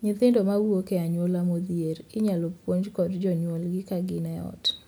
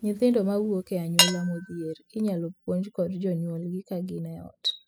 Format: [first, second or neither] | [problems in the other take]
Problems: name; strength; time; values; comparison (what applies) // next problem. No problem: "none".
first | noise reduction (classical method spectral subtraction)